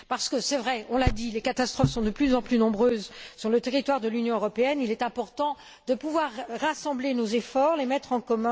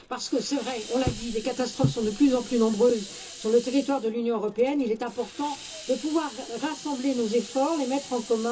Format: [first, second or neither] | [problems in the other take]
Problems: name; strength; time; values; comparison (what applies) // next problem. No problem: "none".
first | background sound (Hiss); 16 dB below the speech // room echo; dies away in 0.2 s